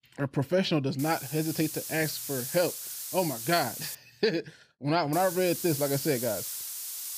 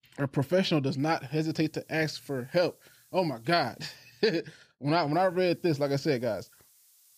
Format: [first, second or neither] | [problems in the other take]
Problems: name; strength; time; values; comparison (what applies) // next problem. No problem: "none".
second | hiss; loud; from 1 to 4 s and from 5 s on; 6 dB below the speech; faint in the second